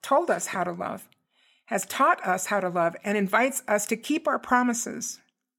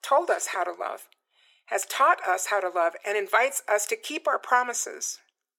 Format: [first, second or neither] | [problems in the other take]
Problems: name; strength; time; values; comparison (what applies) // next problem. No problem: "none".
first | thin; very; fading below 400 Hz